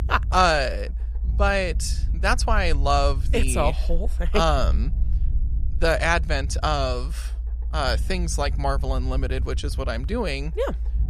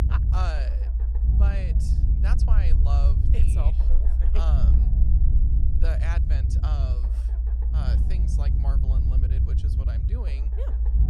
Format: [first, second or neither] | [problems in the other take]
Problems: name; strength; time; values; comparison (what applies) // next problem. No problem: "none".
first | low rumble; loud; throughout; 2 dB below the speech; faint in the first